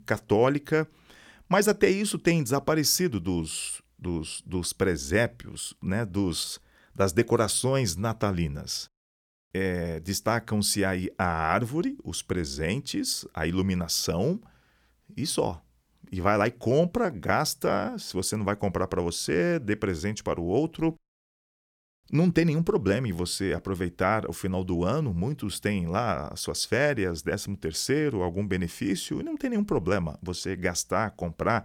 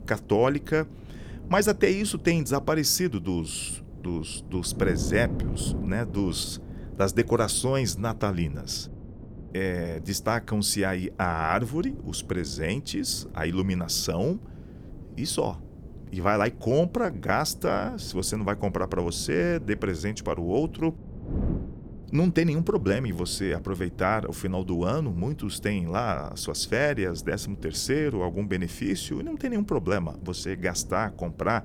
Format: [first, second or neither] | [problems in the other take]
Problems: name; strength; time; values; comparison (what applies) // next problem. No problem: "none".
first | wind noise on the microphone; occasional gusts; 20 dB below the speech